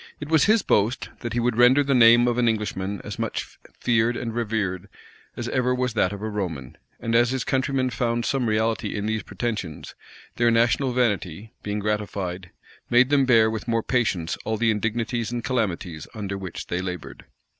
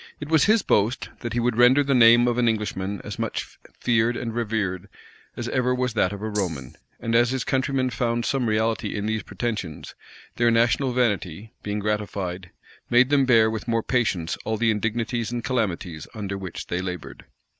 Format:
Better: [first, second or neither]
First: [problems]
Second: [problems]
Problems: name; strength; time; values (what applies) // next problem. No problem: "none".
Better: first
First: none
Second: background sound (Rattle (instrument)); 12 dB below the speech